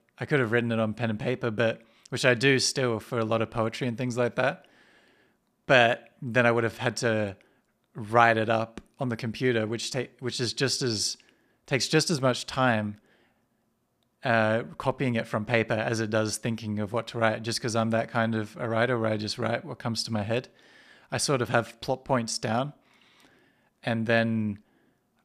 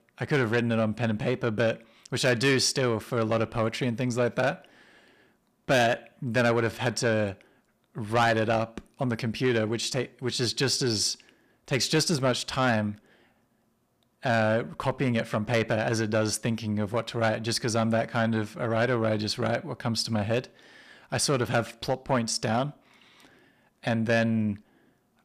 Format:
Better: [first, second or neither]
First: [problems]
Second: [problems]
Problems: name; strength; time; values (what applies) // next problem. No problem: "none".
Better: first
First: none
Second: distortion; slight; 10 dB below the speech